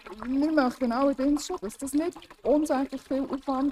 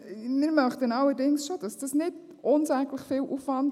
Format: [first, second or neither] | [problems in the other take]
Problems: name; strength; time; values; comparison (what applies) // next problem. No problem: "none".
second | noise reduction (neural mask model RNNoise)